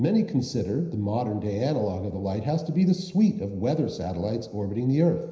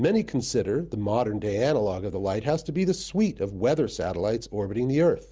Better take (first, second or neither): second